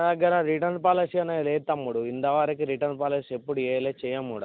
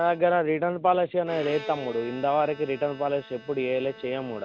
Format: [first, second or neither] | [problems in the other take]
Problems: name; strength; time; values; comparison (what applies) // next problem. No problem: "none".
first | background sound (Bowed string instrument); 18 dB below the speech